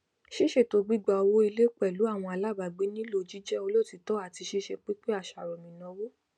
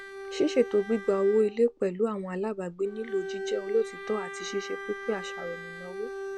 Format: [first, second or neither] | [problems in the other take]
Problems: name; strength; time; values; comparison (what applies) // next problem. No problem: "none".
first | background sound (Bowed string instrument); 10 dB below the speech